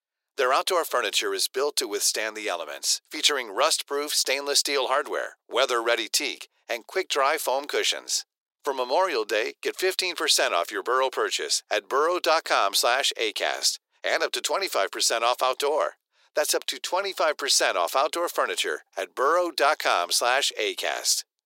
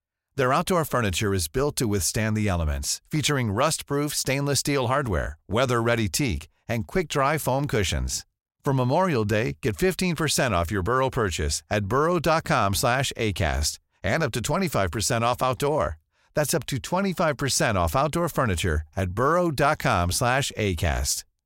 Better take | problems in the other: second | thin; very; fading below 350 Hz

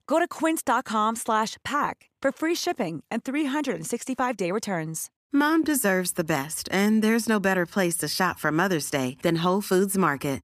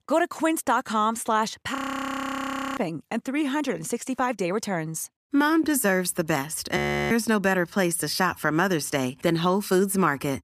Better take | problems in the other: first | audio freezing; at 2 s for 1 s and at 7 s

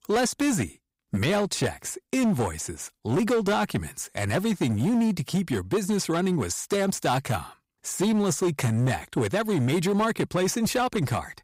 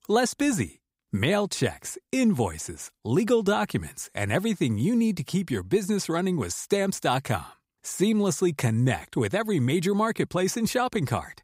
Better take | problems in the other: second | distortion; slight; 12% of the sound clipped

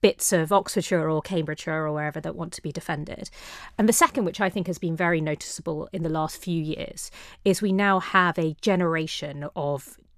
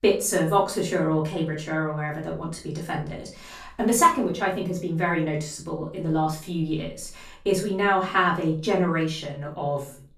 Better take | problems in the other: first | off-mic speech; far // room echo; slight; dies away in 0.3 s

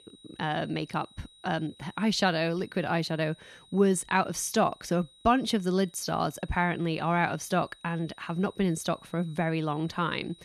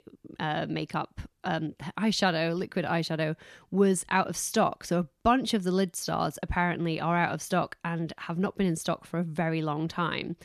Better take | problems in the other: second | high-pitched whine; faint; throughout; 4 kHz, 25 dB below the speech

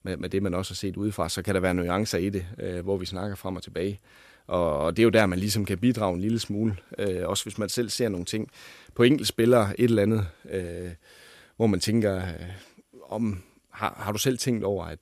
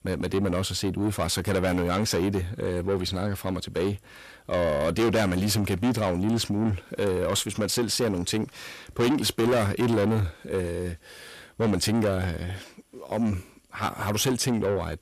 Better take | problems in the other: first | distortion; heavy; 6 dB below the speech

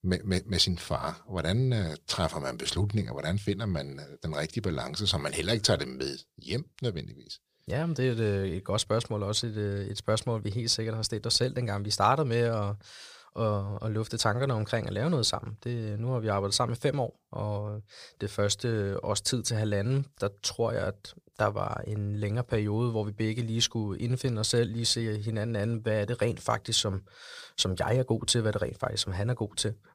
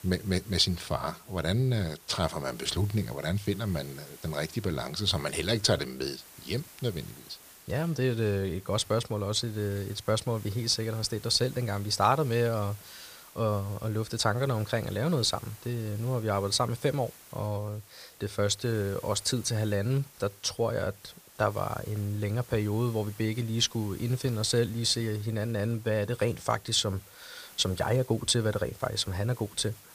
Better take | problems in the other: first | hiss; noticeable; throughout; 20 dB below the speech

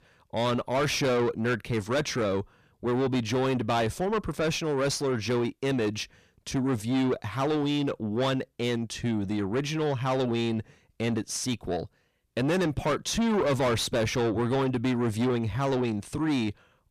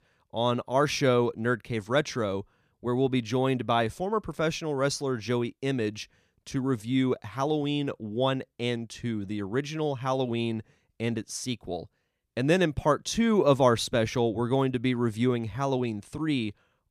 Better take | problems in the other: second | distortion; heavy; 7 dB below the speech

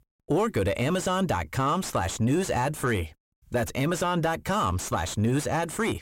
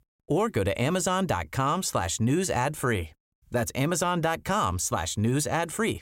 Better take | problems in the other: second | distortion; slight; 10 dB below the speech

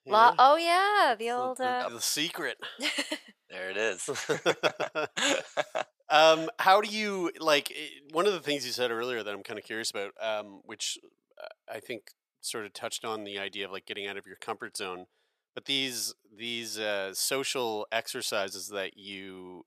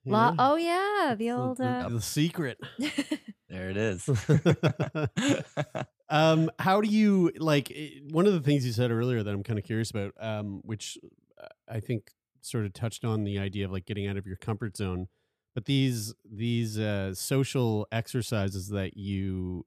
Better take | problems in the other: second | thin; very; fading below 650 Hz

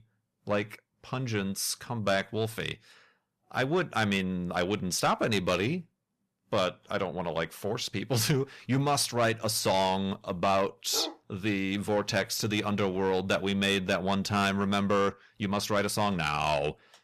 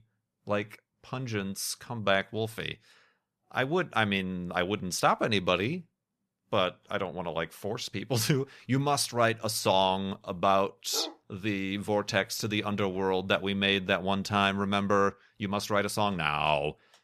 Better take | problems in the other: second | distortion; slight; 10 dB below the speech

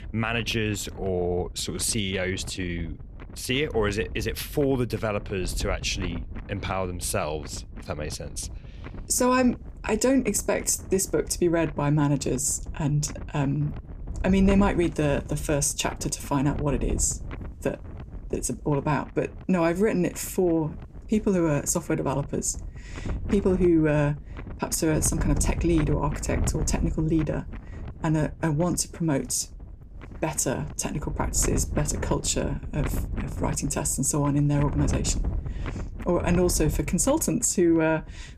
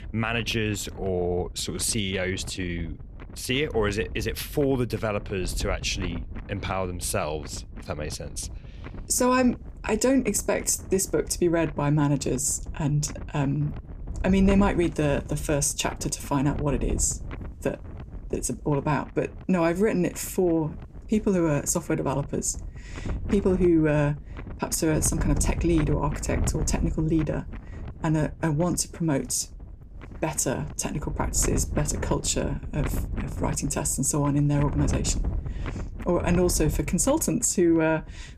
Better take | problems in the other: neither | wind noise on the microphone; occasional gusts; 15 dB below the speech; the same in both

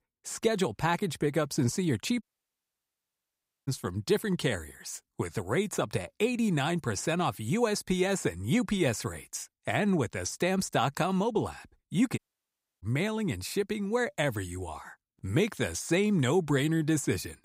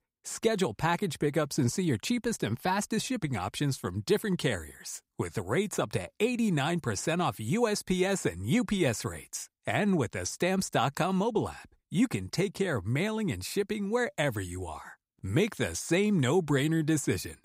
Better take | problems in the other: second | audio cutting out; at 2 s for 1.5 s and at 12 s for 0.5 s

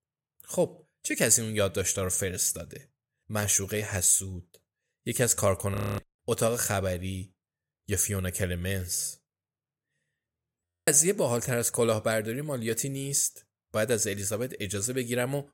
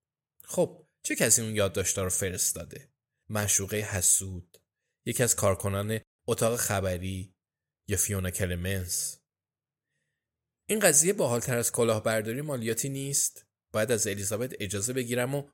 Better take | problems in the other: second | audio freezing; at 6 s and at 11 s

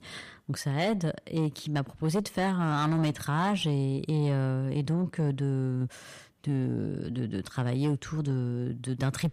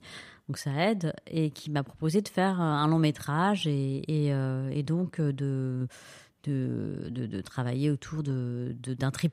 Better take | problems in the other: second | distortion; slight; 10 dB below the speech

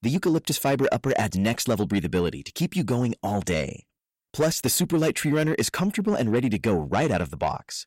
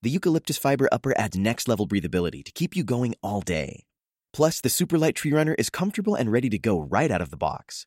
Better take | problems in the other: second | distortion; slight; 10 dB below the speech

